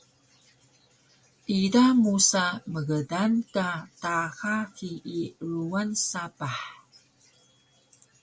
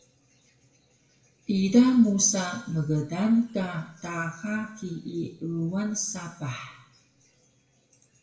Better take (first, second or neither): first